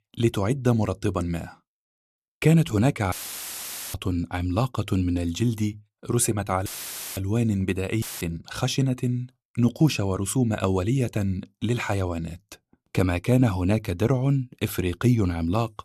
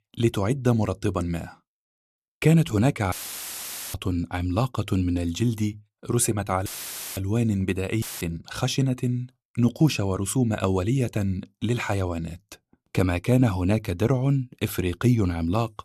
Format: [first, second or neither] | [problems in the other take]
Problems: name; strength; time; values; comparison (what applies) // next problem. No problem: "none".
neither | audio cutting out; filled with static; at 3 s for 1 s, at 6.5 s for 0.5 s and at 8 s; the same in both